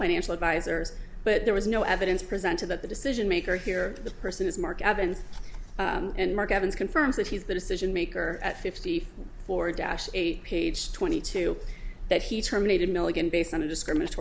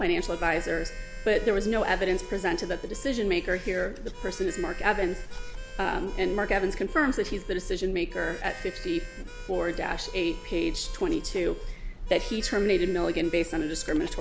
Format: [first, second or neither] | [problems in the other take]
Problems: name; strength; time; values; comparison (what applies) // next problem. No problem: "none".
first | background sound (Harmonica); 18 dB below the speech